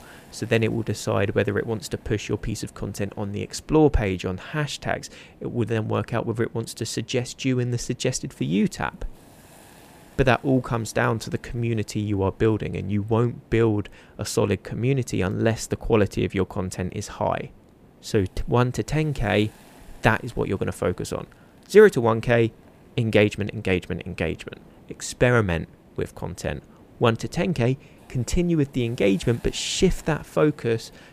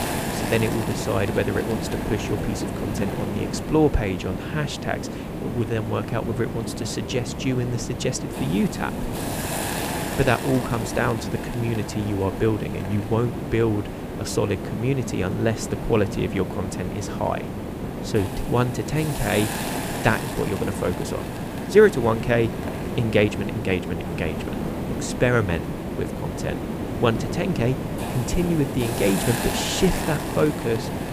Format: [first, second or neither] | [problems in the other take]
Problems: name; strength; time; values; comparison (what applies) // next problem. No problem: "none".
first | hiss; loud; throughout; 4 dB below the speech; faint in the first